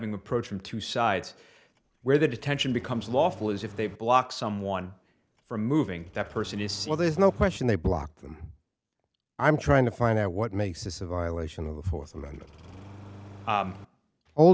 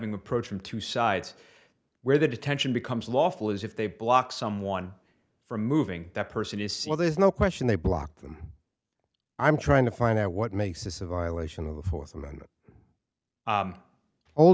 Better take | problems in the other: second | background sound (Engine starting); 19 dB below the speech

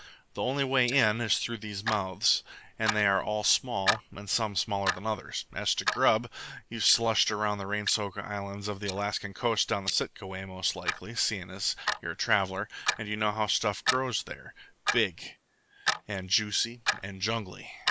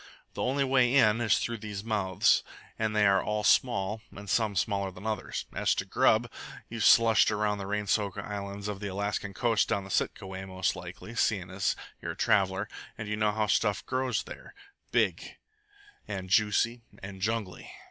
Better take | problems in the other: second | noise reduction (neural mask model Resemble Enhance denoiser)

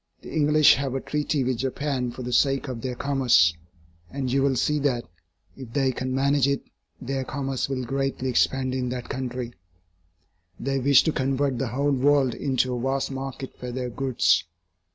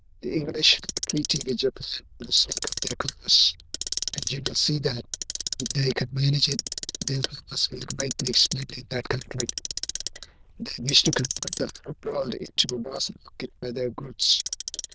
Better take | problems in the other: first | noise reduction (neural diffusion model UNIVERSE++)

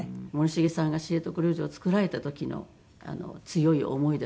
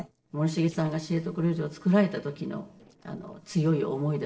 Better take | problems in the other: first | noise reduction (neural separator model SepFormer DNS4)

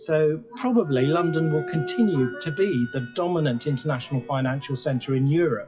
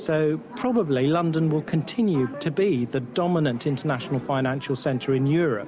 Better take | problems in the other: second | noise reduction (classical method WPE with log-MMSE)

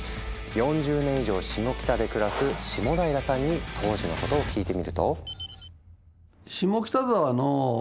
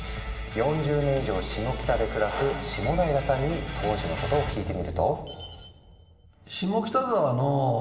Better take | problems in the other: first | room echo; dies away in 2.5 s

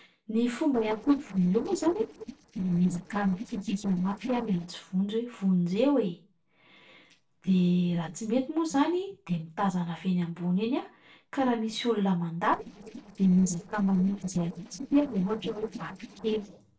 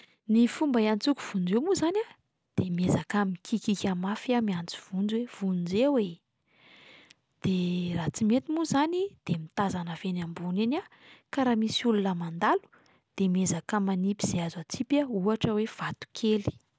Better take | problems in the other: second | noise reduction (neural separator model SepFormer DNS4)

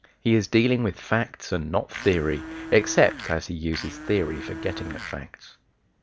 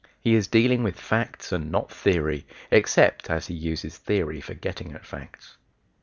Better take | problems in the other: second | background sound (Domestic sounds, home sounds); 11 dB below the speech

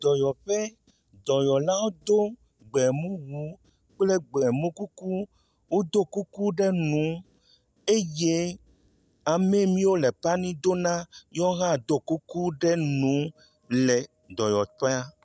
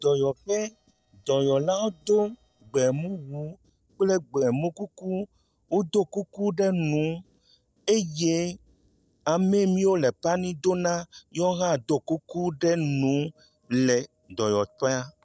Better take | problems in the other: first | noise reduction (neural separator model SepFormer DNS4)

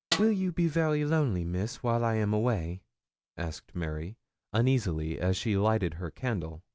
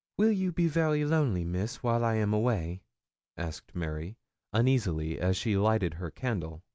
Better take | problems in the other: second | background sound (Snare drum); 7 dB below the speech

